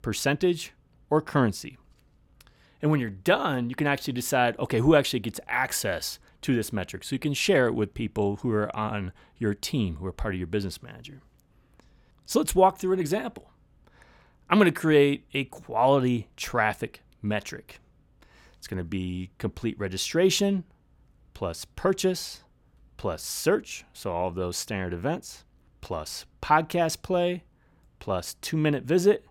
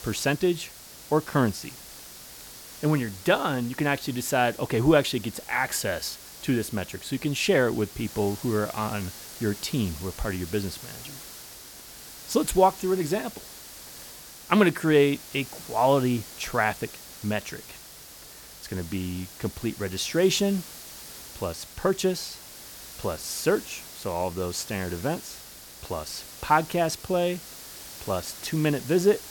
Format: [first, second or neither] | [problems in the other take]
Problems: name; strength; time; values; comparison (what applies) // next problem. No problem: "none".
first | hiss; noticeable; throughout; 15 dB below the speech